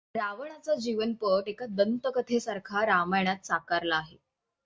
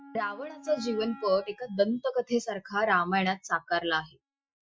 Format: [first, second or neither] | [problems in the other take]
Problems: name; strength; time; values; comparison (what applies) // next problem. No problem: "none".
first | noise reduction (classical method Wiener filter)